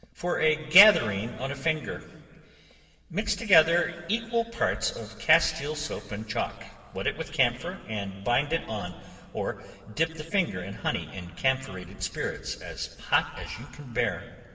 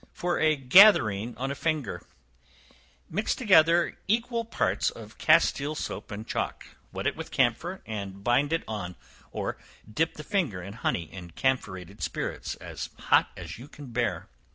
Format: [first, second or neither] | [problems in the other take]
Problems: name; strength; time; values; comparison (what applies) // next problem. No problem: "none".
second | room echo; dies away in 2 s